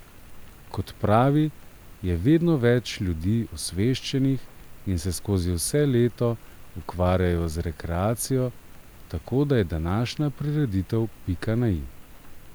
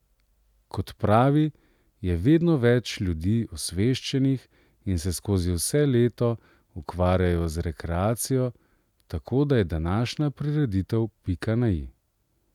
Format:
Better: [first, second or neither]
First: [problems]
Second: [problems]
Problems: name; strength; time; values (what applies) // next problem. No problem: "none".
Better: second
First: background sound (Rain); 18 dB below the speech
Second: none